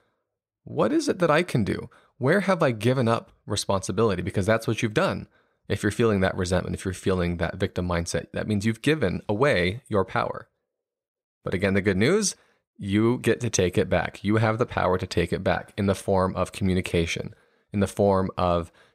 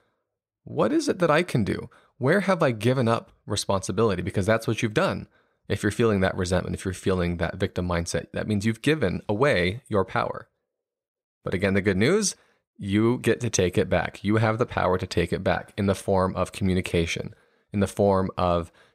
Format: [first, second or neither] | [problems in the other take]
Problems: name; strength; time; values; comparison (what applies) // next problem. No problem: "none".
neither | none